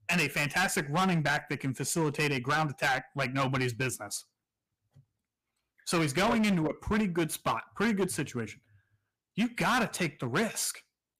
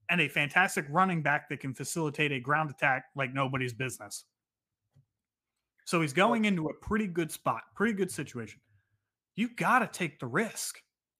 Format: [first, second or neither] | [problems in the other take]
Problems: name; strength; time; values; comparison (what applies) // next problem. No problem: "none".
second | distortion; heavy; 11% of the sound clipped